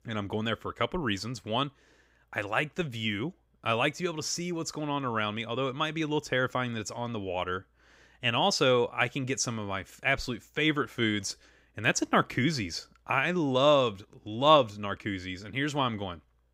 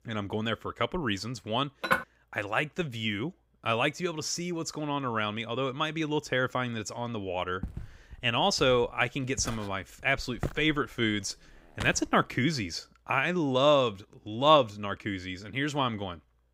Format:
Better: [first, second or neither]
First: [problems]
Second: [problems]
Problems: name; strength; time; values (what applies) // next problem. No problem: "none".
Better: first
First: none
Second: clattering dishes; noticeable; at 2 s; peak level with the speech // footsteps; noticeable; from 7.5 to 12 s; peak 9 dB below the speech